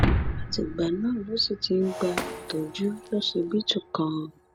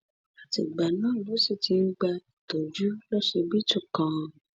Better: second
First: background sound (Shatter); 3 dB below the speech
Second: none

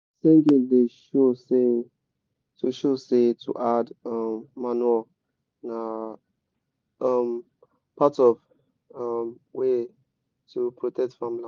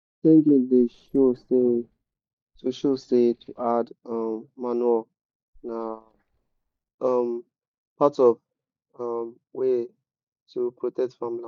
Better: first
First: none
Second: noise reduction (neural mask model DeepFilterNet 3)

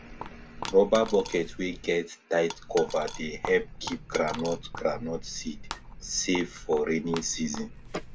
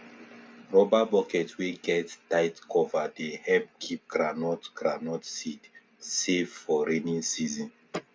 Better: second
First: background sound (Coin (dropping) + Walk, footsteps); 11 dB below the speech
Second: none

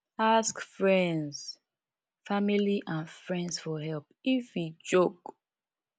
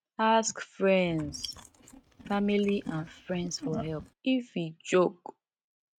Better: first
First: none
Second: noise reduction (neural mask model RNNoise)

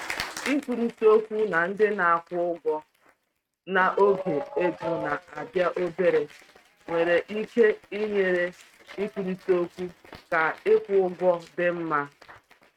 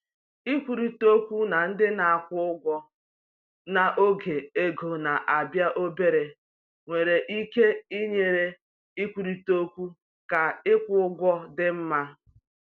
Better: second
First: noise reduction (neural mask model RNNoise)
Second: none

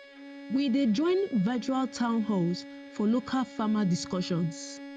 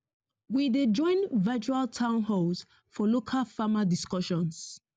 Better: second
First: background sound (Bowed string instrument); 16 dB below the speech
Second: none

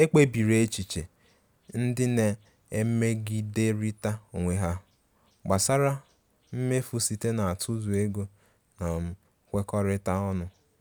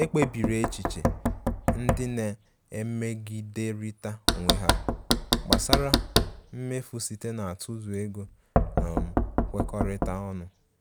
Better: first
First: none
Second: background sound (Knock); 4 dB above the speech

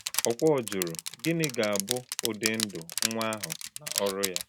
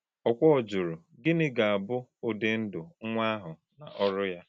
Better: second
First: background sound (Crushing); 4 dB below the speech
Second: none

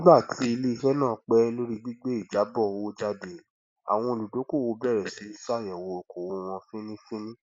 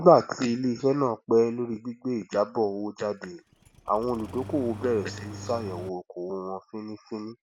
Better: first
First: none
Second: background sound (Engine starting); 14 dB below the speech

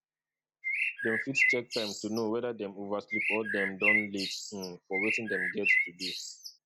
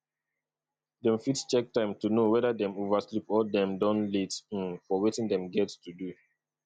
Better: second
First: background sound (Bird); 5 dB above the speech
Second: none

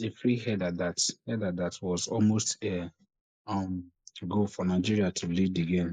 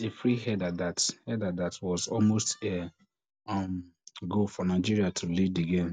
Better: second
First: noise reduction (neural mask model Resemble Enhance denoiser)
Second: none

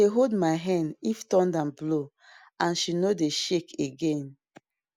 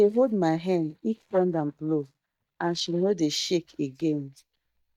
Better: first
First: none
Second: noise reduction (neural mask model DeepFilterNet 3)

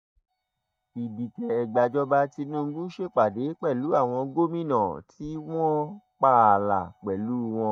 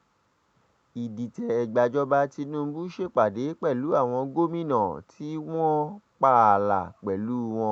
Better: second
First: noise reduction (neural mask model DeepFilterNet 3)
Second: none

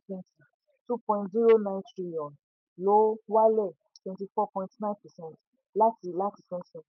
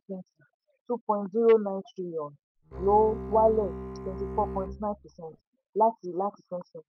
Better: first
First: none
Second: background sound (Bowed string instrument); 9 dB below the speech

